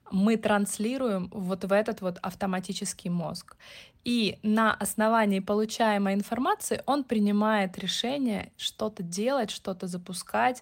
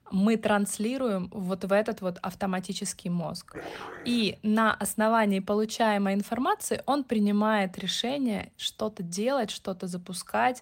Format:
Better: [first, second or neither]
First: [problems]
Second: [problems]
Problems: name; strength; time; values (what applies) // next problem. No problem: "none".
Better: first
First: none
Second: dog barking; faint; at 3.5 s; peak 10 dB below the speech